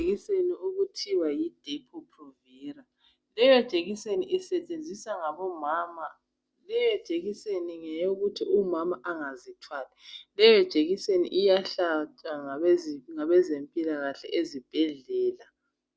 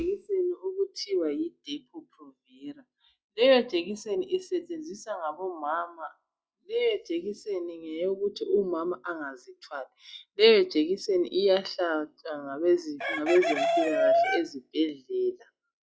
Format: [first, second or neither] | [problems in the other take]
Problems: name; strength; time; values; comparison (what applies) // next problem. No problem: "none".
first | noise reduction (classical method log-MMSE)